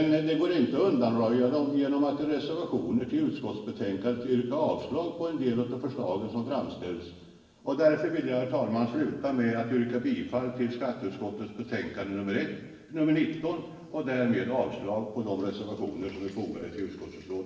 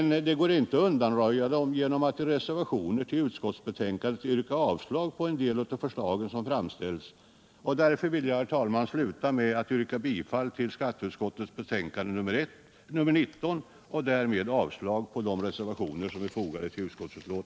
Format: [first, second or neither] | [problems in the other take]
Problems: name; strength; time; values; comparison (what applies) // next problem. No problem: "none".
second | room echo; dies away in 1.1 s